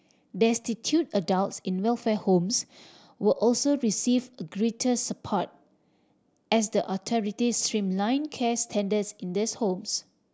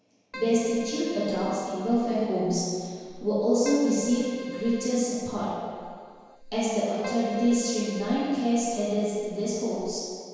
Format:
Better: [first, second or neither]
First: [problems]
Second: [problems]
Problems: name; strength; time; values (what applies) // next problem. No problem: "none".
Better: first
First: none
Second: background sound (Keyboard (musical)); 15 dB below the speech // room echo; dies away in 1.9 s